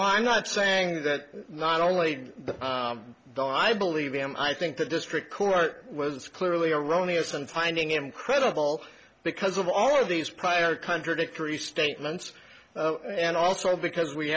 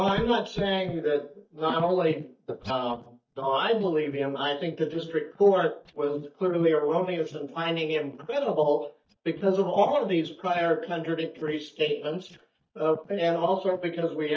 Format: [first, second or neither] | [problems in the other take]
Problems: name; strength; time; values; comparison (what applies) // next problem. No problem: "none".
first | noise reduction (neural mask model DeepFilterNet 3)